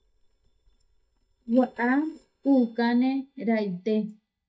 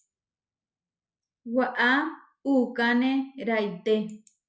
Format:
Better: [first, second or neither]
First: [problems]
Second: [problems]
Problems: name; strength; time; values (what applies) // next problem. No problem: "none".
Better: second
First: noise reduction (neural mask model DeepFilterNet 3)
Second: none